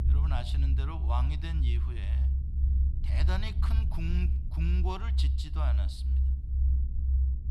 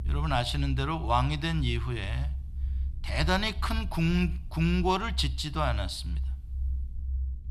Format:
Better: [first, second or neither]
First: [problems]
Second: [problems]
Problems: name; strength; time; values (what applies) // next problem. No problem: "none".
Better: second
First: low rumble; loud; throughout; 6 dB below the speech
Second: low rumble; faint; throughout; 25 dB below the speech